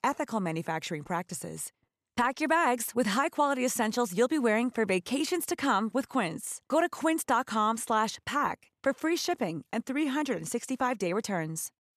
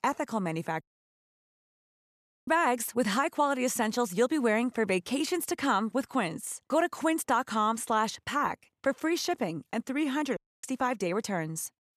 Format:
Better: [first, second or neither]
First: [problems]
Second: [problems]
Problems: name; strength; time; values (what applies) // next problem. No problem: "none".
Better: first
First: none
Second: audio cutting out; at 1 s for 1.5 s and at 10 s